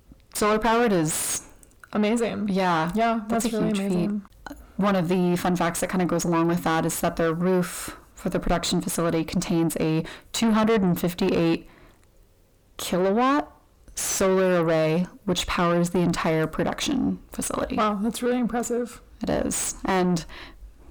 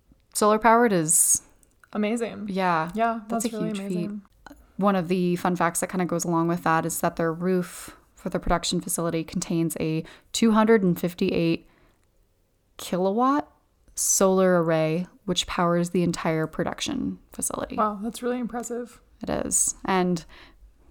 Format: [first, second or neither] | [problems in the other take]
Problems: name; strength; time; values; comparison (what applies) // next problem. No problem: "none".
second | distortion; heavy; 5 dB below the speech